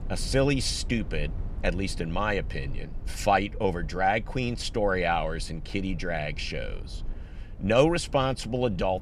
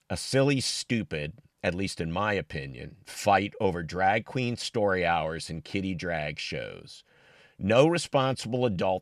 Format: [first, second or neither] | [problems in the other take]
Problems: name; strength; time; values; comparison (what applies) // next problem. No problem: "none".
second | low rumble; faint; throughout; 25 dB below the speech